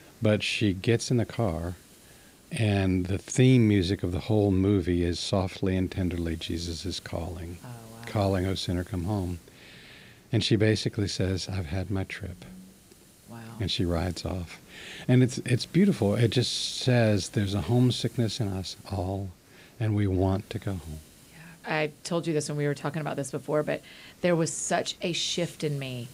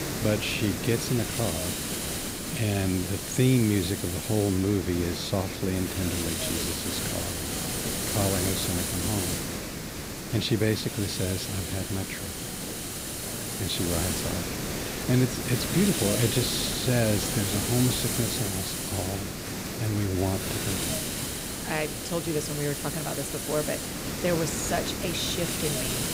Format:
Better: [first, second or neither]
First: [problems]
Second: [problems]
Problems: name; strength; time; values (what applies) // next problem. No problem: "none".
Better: first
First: hiss; faint; throughout; 25 dB below the speech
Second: hiss; loud; throughout; 1 dB below the speech